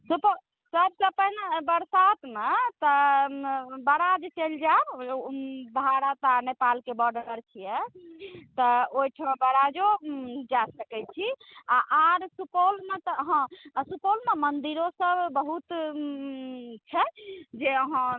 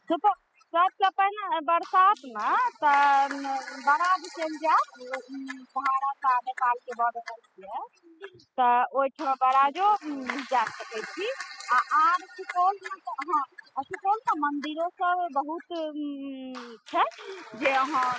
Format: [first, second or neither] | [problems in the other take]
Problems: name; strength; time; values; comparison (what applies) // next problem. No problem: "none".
first | noise reduction (classical method spectral subtraction)